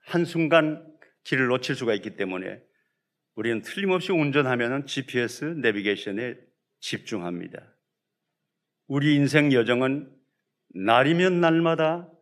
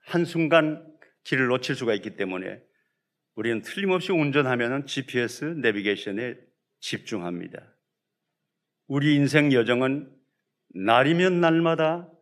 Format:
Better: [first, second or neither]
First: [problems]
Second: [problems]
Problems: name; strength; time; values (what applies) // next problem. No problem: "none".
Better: neither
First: none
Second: none